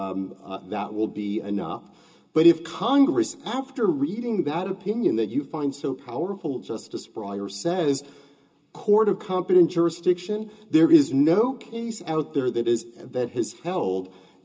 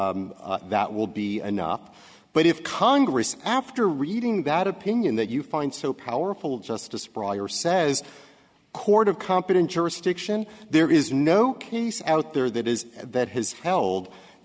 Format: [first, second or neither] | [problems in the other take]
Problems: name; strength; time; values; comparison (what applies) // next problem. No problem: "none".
second | room echo; dies away in 0.2 s